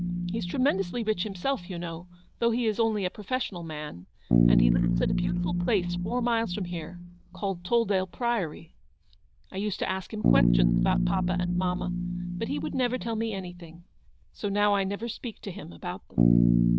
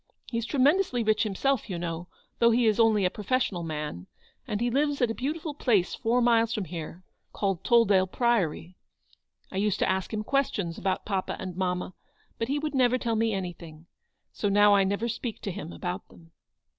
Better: second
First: noise reduction (neural diffusion model UNIVERSE++)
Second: none

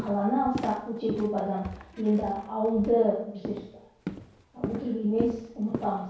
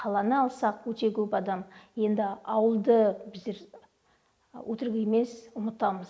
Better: second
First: background sound (Walk, footsteps); 10 dB below the speech // room echo; dies away in 0.6 s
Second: none

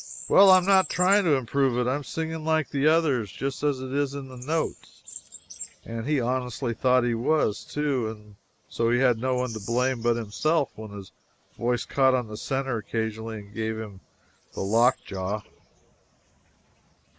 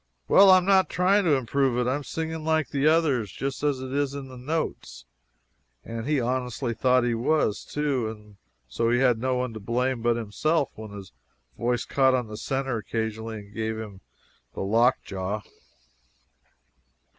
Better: second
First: noise reduction (neural mask model Resemble Enhance denoiser)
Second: none

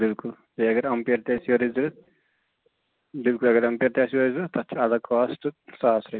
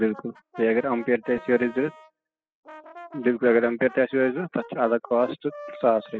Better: first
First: none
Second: noise reduction (classical method spectral subtraction)

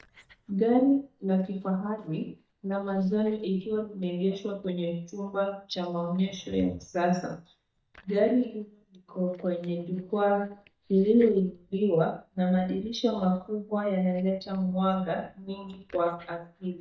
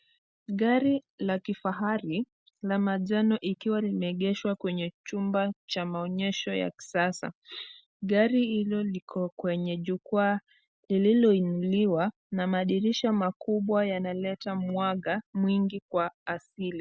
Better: second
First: noise reduction (neural mask model DeepFilterNet 3)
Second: none

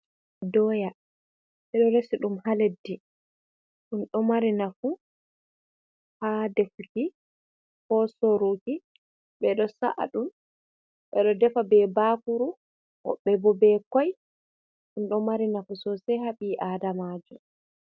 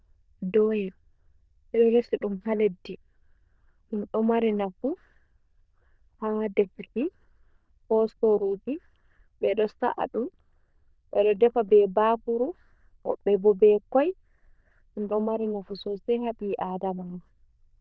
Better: first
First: none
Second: noise reduction (neural diffusion model UNIVERSE++)

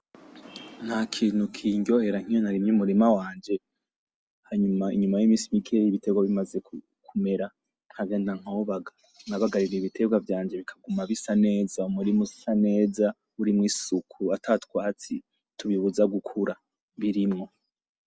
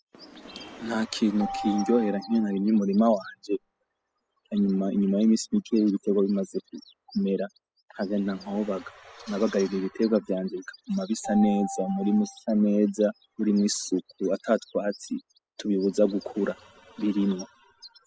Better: first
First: none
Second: noise reduction (classical method spectral subtraction)

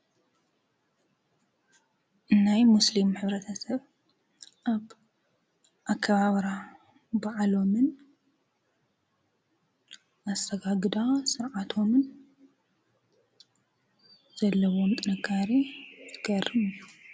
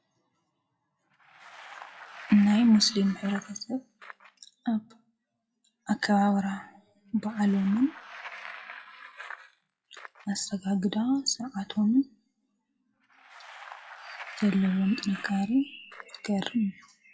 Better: first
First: none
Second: noise reduction (classical method WPE with log-MMSE)

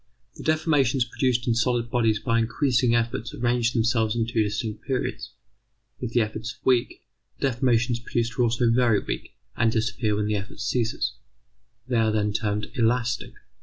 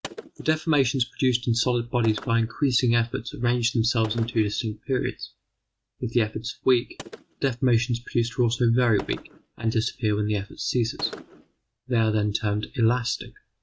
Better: first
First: none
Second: noise reduction (neural mask model RNNoise)

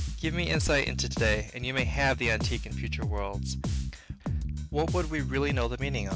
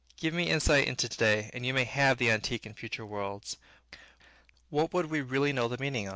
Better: second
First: background sound (Bass guitar); 1 dB below the speech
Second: none

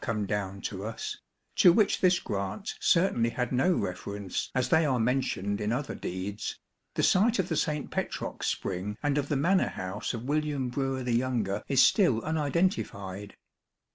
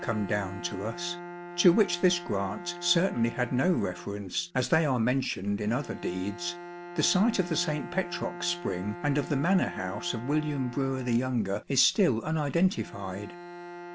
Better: first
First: none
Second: background sound (Bowed string instrument); 14 dB below the speech

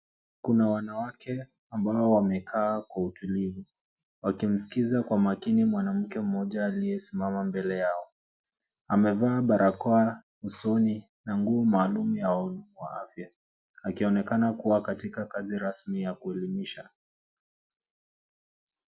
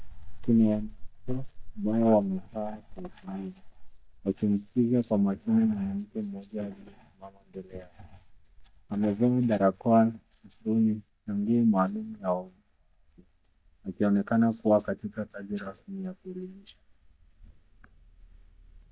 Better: first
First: none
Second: noise reduction (neural mask model DeepFilterNet 3)

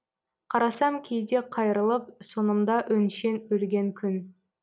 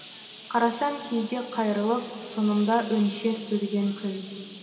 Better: first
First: none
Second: background sound (Bird); 18 dB below the speech // room echo; dies away in 2.3 s

